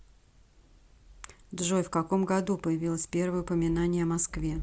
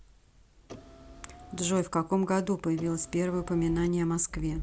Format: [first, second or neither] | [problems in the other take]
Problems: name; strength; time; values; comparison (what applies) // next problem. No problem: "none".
first | background sound (Car); 18 dB below the speech